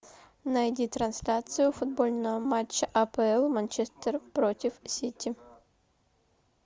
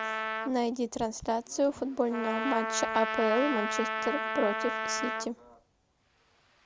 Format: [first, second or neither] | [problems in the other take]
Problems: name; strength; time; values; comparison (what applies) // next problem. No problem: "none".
first | background sound (Trumpet); 4 dB below the speech